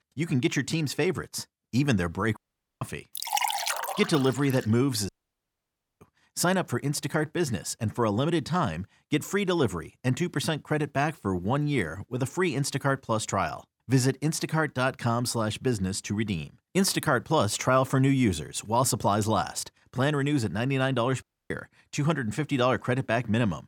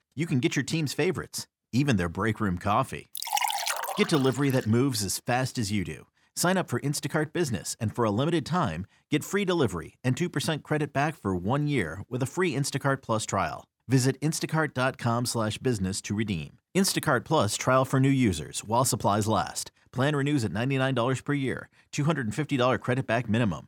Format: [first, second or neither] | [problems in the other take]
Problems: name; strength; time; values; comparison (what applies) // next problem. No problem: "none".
second | audio cutting out; at 2.5 s, at 5 s for 1 s and at 21 s